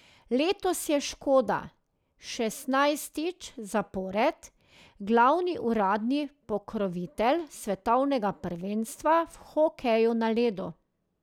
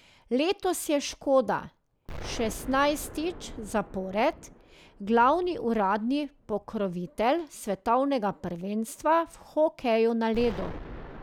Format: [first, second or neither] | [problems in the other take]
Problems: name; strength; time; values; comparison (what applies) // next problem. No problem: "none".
first | background sound (Explosion); 17 dB below the speech